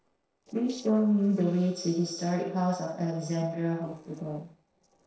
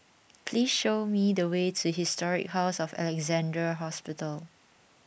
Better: second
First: noise reduction (neural separator model SepFormer DNS4)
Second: none

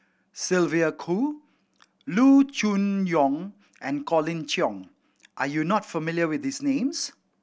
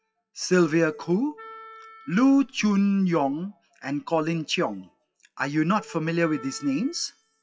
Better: first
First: none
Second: noise reduction (classical method WPE with log-MMSE)

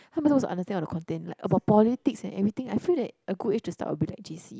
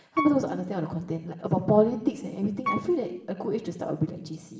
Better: first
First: none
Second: background sound (Piano); 10 dB below the speech // room echo; dies away in 0.9 s

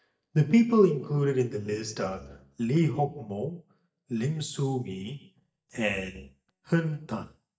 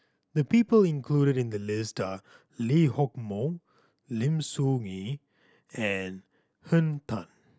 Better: second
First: noise reduction (neural mask model DeepFilterNet 3)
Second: none

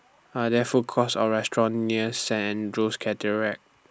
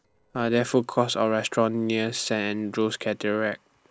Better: first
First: none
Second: noise reduction (neural separator model SepFormer DNS4)

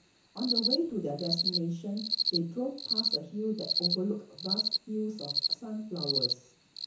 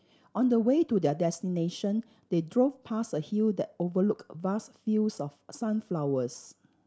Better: second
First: background sound (Cricket); 1 dB above the speech // room echo; dies away in 0.7 s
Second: none

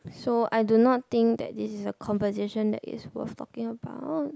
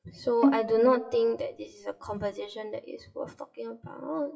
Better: first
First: none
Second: noise reduction (classical method WPE with log-MMSE)

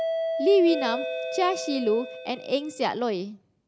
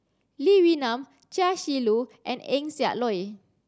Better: second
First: background sound (Doorbell); 6 dB below the speech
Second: none

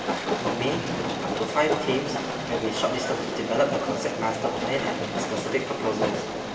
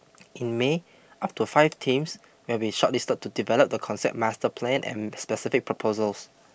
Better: second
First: background sound (Train); 1 dB below the speech // room echo; dies away in 2.5 s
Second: none

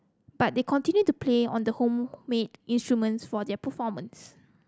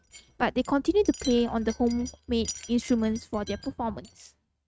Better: first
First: none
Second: noise reduction (neural mask model RNNoise)

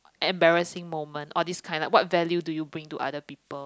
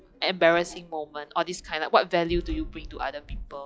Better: first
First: none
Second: noise reduction (classical method log-MMSE)

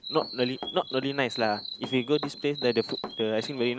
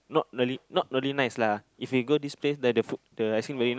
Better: second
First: background sound (Chirp, tweet + Run); 10 dB below the speech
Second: none

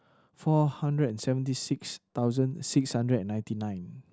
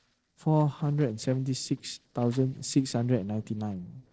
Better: first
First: none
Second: noise reduction (neural separator model SepFormer DNS4)

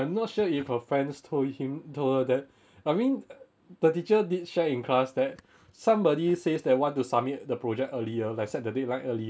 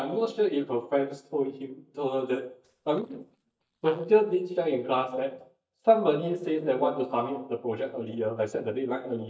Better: first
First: none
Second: noise reduction (neural mask model DeepFilterNet 3)

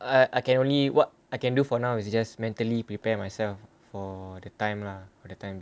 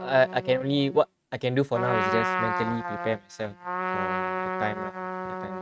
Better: first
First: none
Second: noise reduction (neural mask model RNNoise)

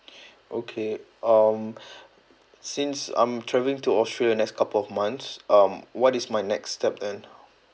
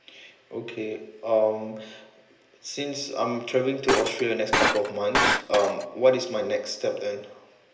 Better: first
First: none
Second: background sound (Shatter); 1 dB above the speech // room echo; dies away in 1.4 s

